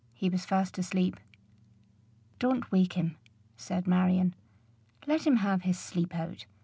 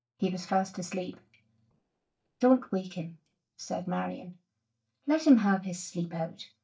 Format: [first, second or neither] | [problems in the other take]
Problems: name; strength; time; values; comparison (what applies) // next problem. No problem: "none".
first | noise reduction (neural mask model DeepFilterNet 3)